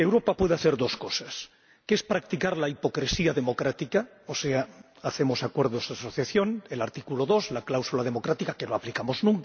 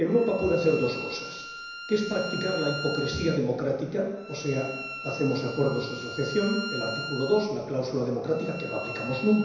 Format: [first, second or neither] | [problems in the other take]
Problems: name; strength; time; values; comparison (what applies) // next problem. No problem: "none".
first | background sound (Bowed string instrument); 10 dB below the speech // room echo; dies away in 1 s